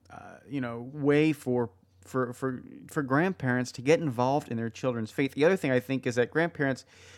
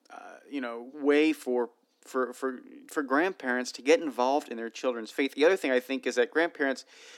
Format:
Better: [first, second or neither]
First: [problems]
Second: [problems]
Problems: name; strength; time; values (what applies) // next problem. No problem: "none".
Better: first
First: none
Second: thin; very slightly; fading below 250 Hz